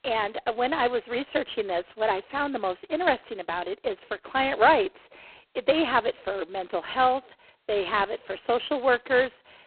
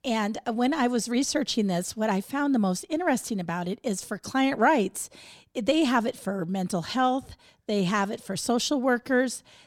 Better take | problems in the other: second | phone-call audio; poor line; nothing above 4 kHz

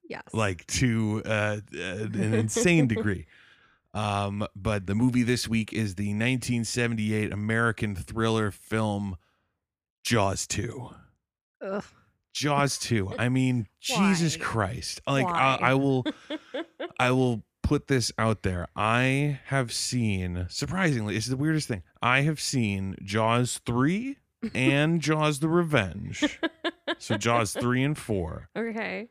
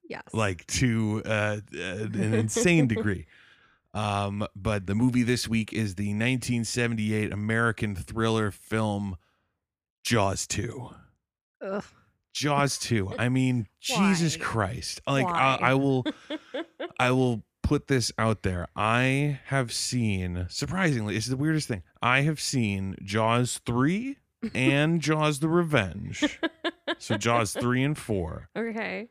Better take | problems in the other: neither | none

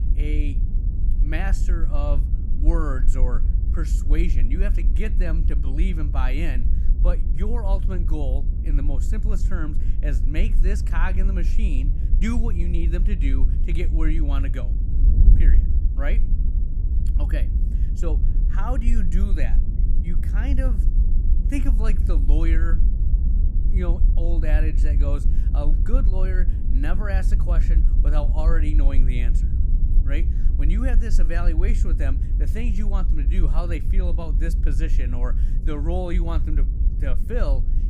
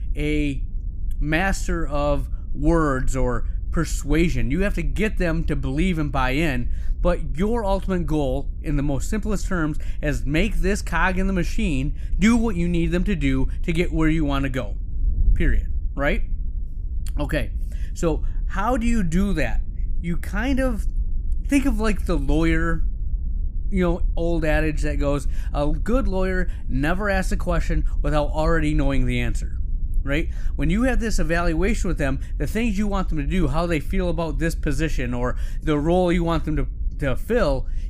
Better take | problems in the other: second | wind noise on the microphone; heavy; 8 dB below the speech; occasional gusts in the second

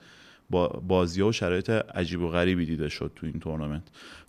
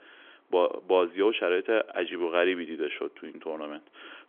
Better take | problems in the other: first | phone-call audio; nothing above 3.5 kHz

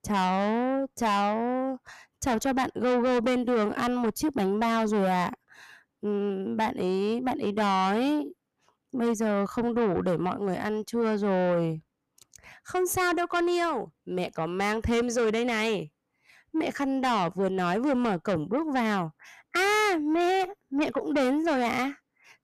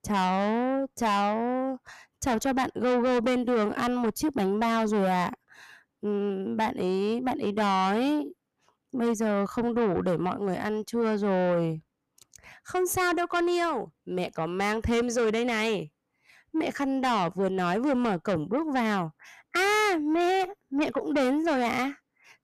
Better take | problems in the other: neither | distortion; heavy; 7 dB below the speech; the same in both

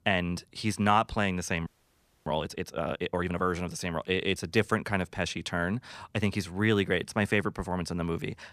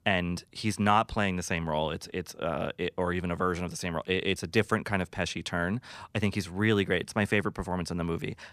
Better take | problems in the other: second | audio freezing; at 1.5 s for 0.5 s

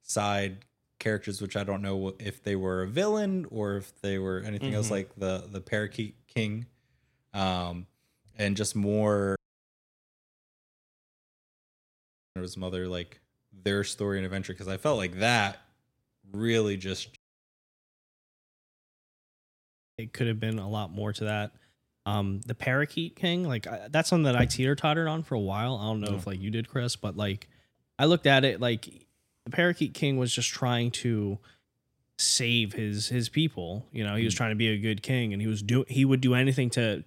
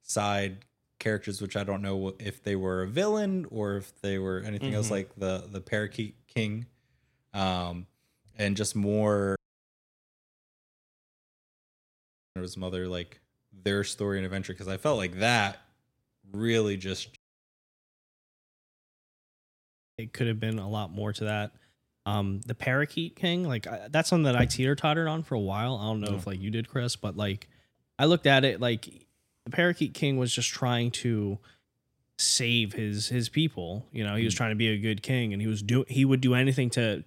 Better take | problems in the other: neither | audio cutting out; at 9.5 s for 3 s and at 17 s for 3 s; the same in both

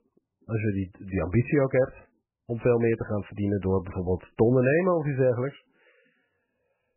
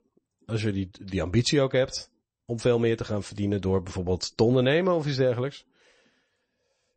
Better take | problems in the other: second | garbled, watery; badly; nothing above 2.5 kHz; slightly in the second

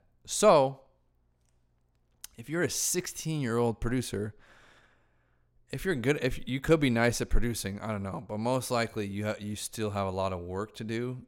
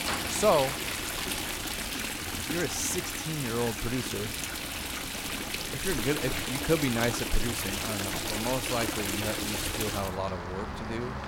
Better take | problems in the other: first | rain or running water; very loud; throughout; as loud as the speech

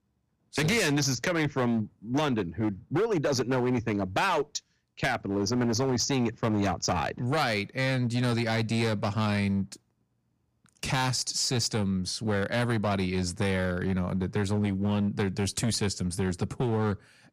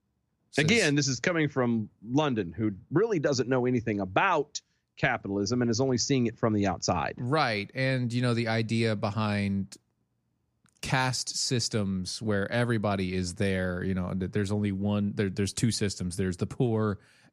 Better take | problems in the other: second | distortion; slight; 12% of the sound clipped

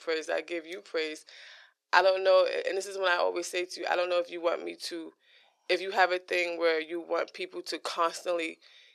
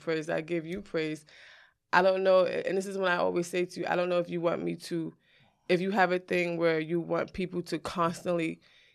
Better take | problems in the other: second | thin; very; fading below 400 Hz

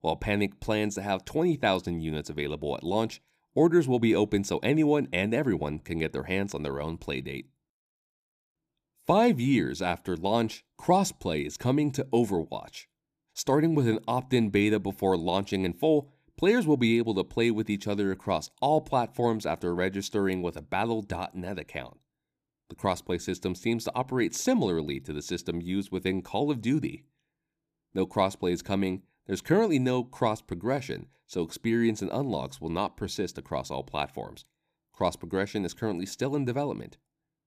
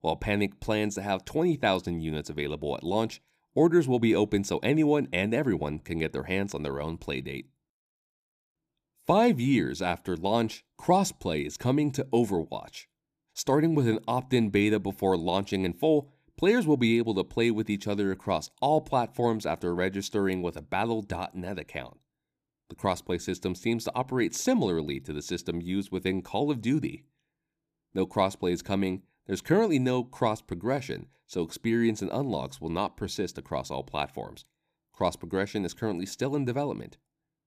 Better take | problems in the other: neither | none

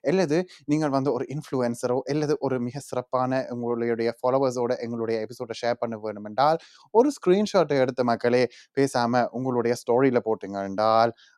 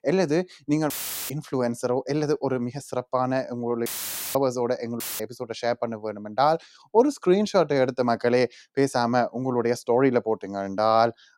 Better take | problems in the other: first | audio cutting out; filled with static; at 1 s, at 4 s and at 5 s

